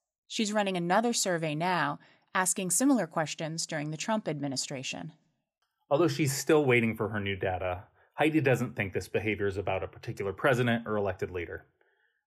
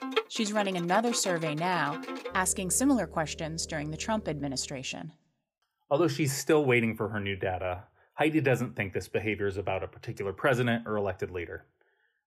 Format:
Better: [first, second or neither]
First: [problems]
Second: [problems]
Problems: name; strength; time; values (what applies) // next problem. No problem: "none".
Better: first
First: none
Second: background music; noticeable; until 4.5 s; 10 dB below the speech